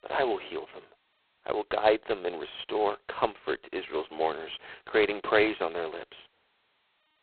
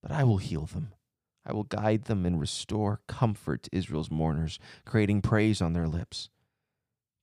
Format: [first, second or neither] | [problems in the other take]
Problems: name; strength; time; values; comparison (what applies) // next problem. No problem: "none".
second | phone-call audio; poor line; nothing above 4 kHz